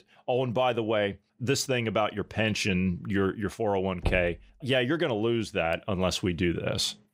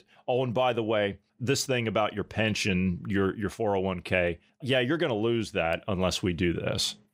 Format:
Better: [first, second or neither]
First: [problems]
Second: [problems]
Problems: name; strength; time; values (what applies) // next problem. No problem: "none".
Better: second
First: door banging; noticeable; at 4 s; peak 6 dB below the speech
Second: none